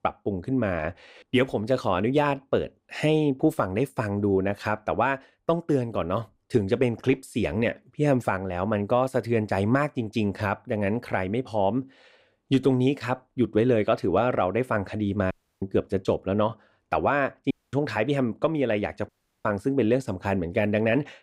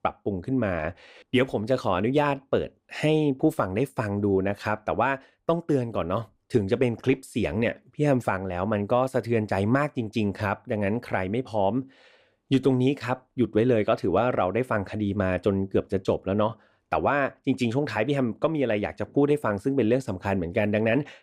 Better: second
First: audio cutting out; at 15 s, at 18 s and at 19 s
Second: none

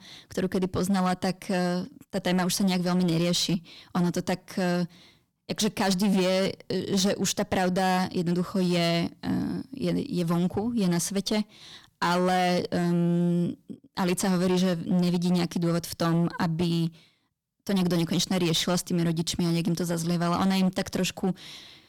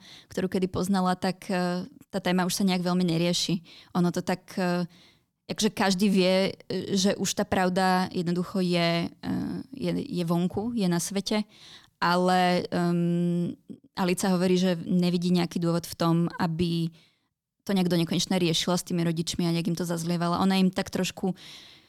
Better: second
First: distortion; slight; 12% of the sound clipped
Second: none

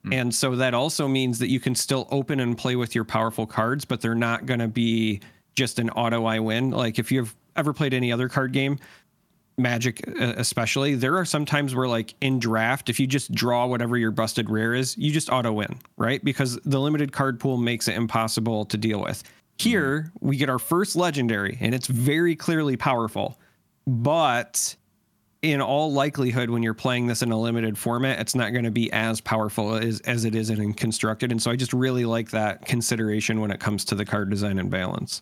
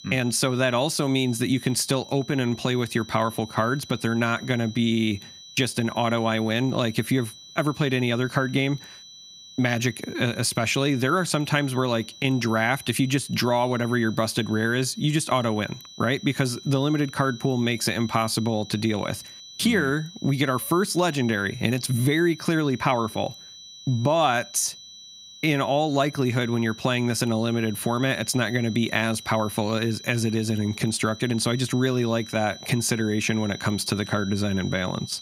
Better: first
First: none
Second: high-pitched whine; noticeable; throughout; 4 kHz, 15 dB below the speech

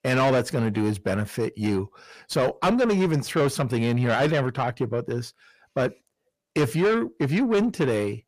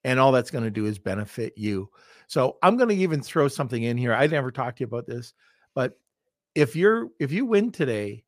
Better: second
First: distortion; heavy; 7 dB below the speech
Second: none

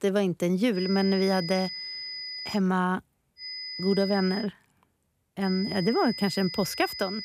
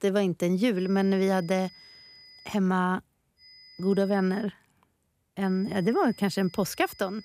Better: second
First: high-pitched whine; loud; from 1 to 2.5 s, from 3.5 to 4.5 s and from 5.5 s on; 5 kHz, 8 dB below the speech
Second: high-pitched whine; faint; from 1 to 2.5 s, from 3.5 to 4.5 s and from 5.5 s on; 5 kHz, 25 dB below the speech

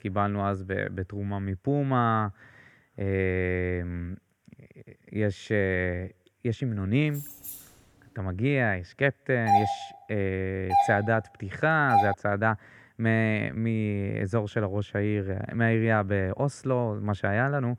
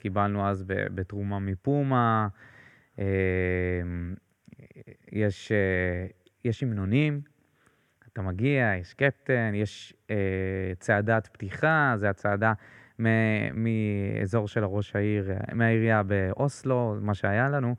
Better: second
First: jangling keys; faint; at 7 s; peak 10 dB below the speech // doorbell; loud; from 9.5 to 12 s; peak 3 dB above the speech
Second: none

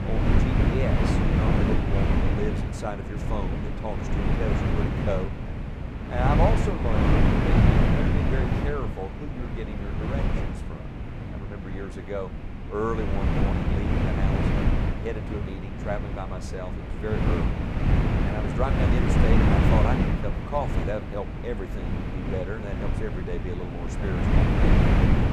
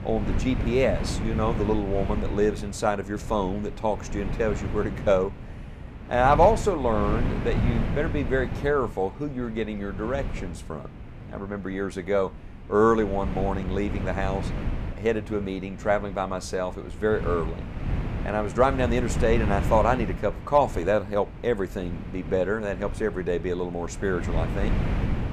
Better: second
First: wind noise on the microphone; heavy; 2 dB above the speech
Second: wind noise on the microphone; occasional gusts; 15 dB below the speech

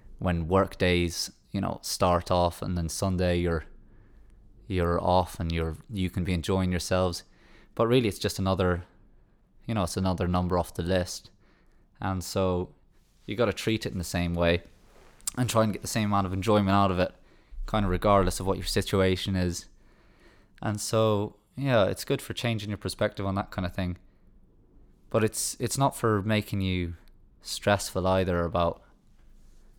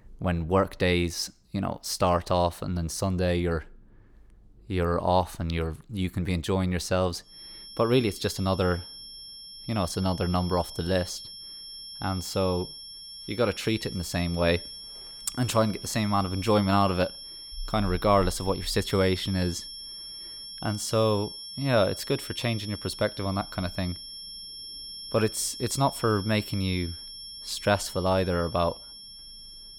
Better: first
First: none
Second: high-pitched whine; noticeable; from 7.5 s on; 5.5 kHz, 10 dB below the speech

